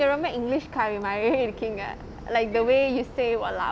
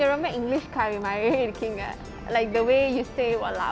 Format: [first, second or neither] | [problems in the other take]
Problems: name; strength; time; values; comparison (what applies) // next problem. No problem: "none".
first | background sound (Organ); 19 dB below the speech